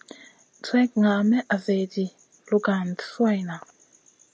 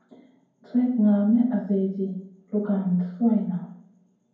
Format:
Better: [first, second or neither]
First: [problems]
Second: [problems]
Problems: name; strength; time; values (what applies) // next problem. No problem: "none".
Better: first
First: none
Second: room echo; dies away in 0.9 s